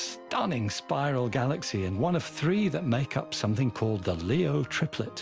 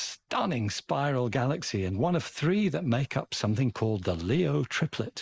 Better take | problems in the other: first | noise reduction (neural mask model Resemble Enhance denoiser)

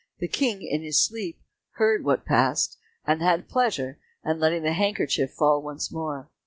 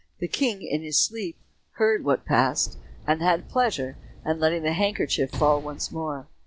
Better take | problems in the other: first | background sound (Sliding door / Slam); 16 dB below the speech

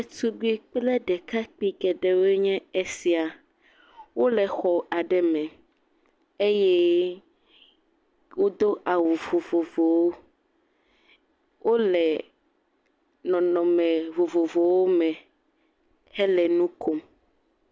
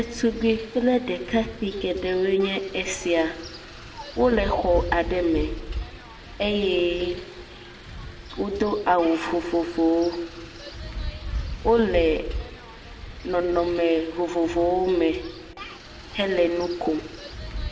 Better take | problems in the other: first | background sound (Wind); 11 dB below the speech // room echo; dies away in 1.3 s

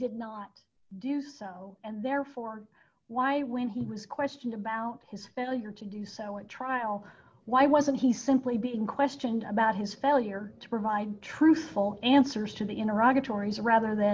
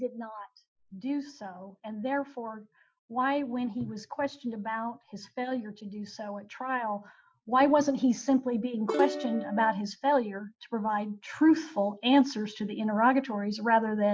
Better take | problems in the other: first | noise reduction (classical method Wiener filter)

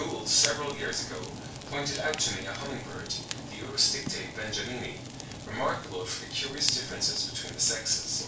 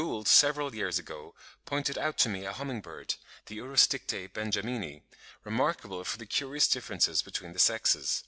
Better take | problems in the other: second | background sound (Fire); 8 dB below the speech // room echo; dies away in 0.3 s

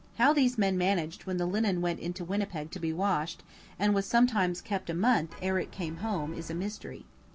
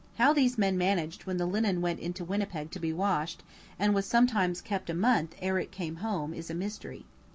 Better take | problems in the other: second | background sound (Vehicle horn, car horn, honking); 15 dB below the speech

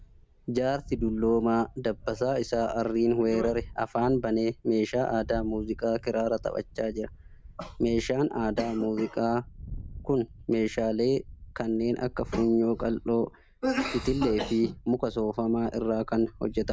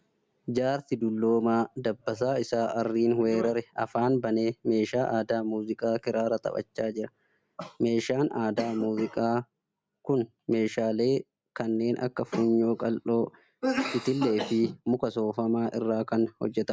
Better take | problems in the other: second | background sound (Wind); 16 dB below the speech

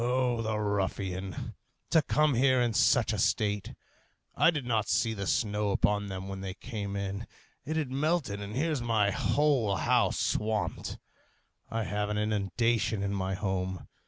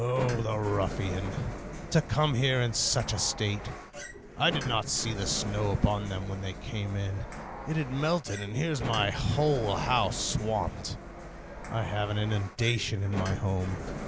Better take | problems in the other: first | background sound (Sliding door); 9 dB below the speech

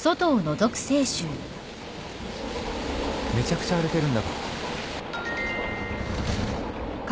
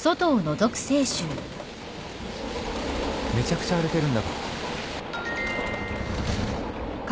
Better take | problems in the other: first | background sound (Sink (filling or washing)); 17 dB below the speech

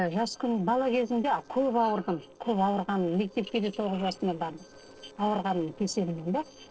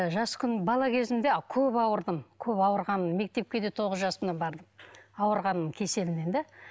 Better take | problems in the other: second | noise reduction (neural separator model SepFormer DNS4)

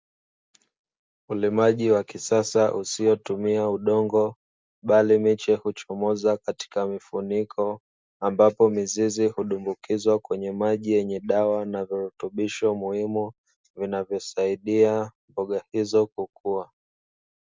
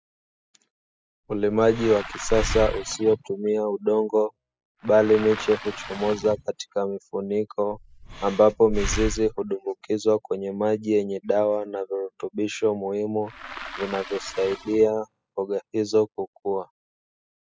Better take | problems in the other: first | noise reduction (classical method spectral subtraction)

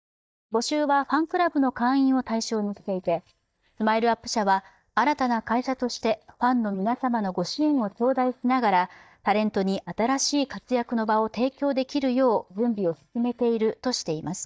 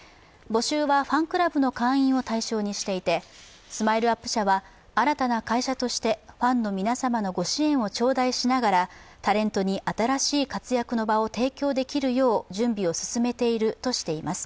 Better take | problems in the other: second | noise reduction (neural mask model DeepFilterNet 3)

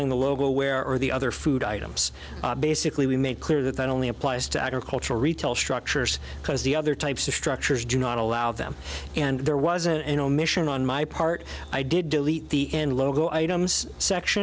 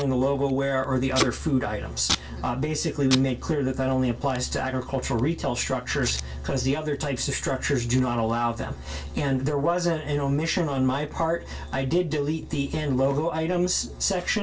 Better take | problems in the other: first | background sound (Packing tape, duct tape); 14 dB below the speech // room echo; dies away in 0.2 s

